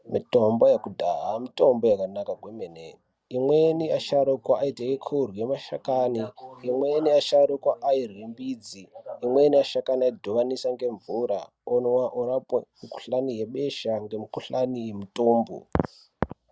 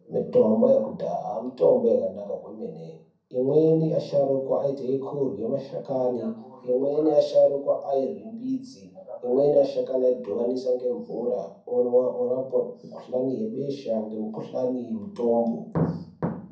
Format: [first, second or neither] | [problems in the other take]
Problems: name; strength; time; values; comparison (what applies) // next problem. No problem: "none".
first | room echo; dies away in 0.6 s